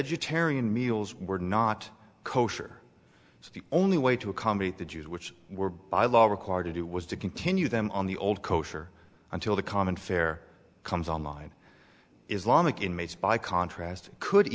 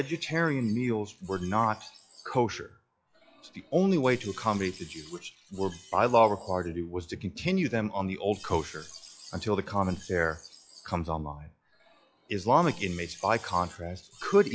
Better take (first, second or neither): first